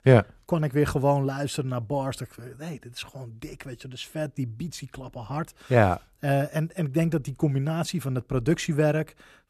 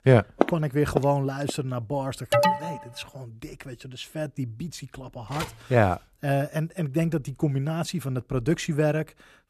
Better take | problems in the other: first | footsteps; loud; until 1.5 s; peak level with the speech // alarm; loud; at 2.5 s; peak 5 dB above the speech // phone ringing; noticeable; at 5.5 s; peak 10 dB below the speech

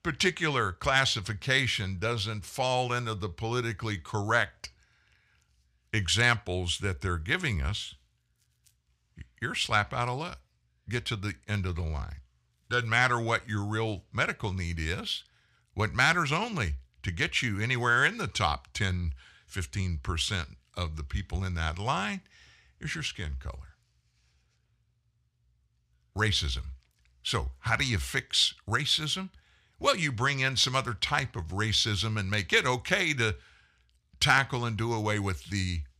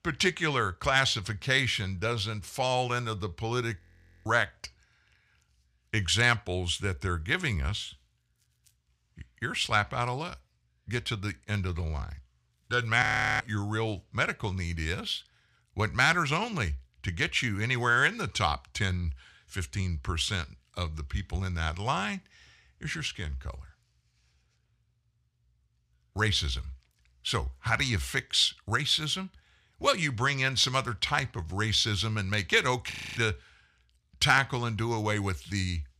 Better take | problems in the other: first | audio freezing; at 4 s, at 13 s and at 33 s

